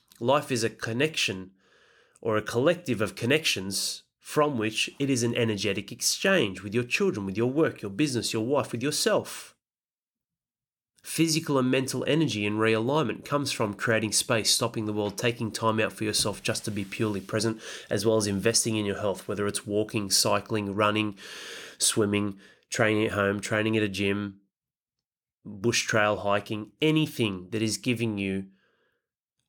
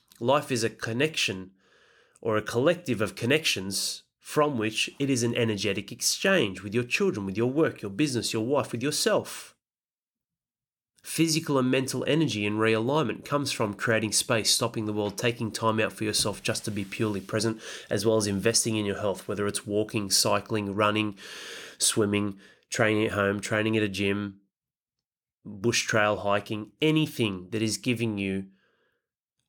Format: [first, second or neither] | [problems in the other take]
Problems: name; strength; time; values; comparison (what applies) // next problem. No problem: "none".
neither | none